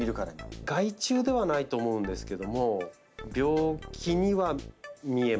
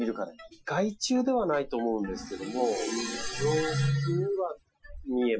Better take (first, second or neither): first